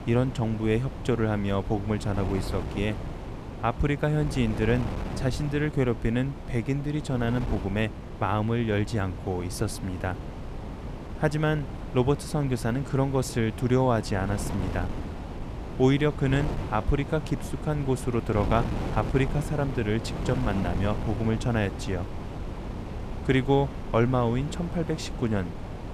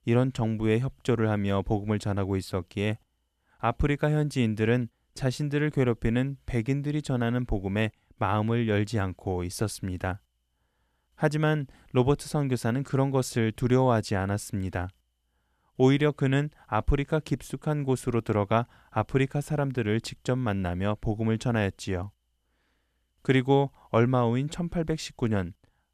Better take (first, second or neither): second